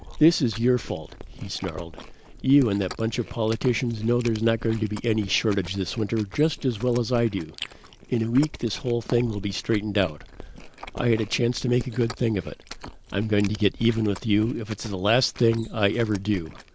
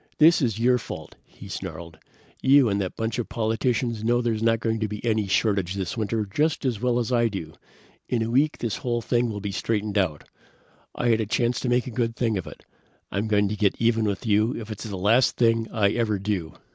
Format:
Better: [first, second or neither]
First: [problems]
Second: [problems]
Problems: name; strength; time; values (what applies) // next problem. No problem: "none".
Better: second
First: background sound (Chewing, mastication); 16 dB below the speech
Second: none